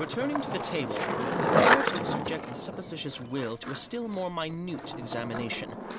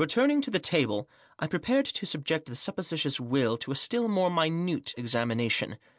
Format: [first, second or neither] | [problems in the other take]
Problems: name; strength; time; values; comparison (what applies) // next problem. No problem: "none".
second | background sound (Skateboard); 4 dB above the speech